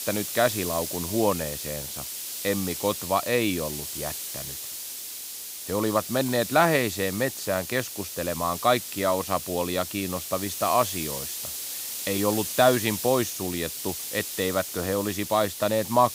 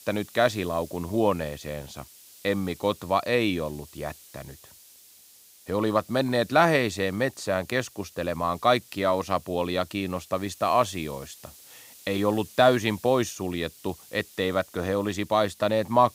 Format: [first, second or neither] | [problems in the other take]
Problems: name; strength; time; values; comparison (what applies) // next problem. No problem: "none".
second | hiss; loud; throughout; 6 dB below the speech; faint in the second